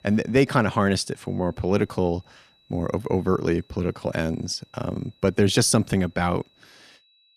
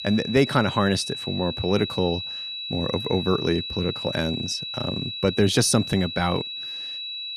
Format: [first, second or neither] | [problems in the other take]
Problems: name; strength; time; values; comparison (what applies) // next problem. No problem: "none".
first | high-pitched whine; loud; throughout; 4 kHz, 6 dB below the speech; faint in the first